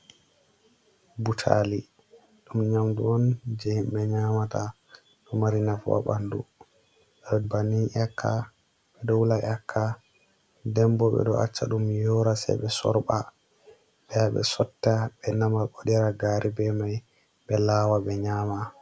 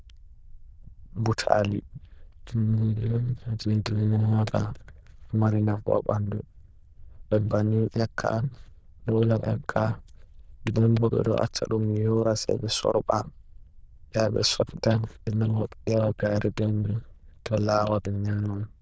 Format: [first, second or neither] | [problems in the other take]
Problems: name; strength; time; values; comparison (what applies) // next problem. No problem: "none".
first | noise reduction (neural diffusion model UNIVERSE++)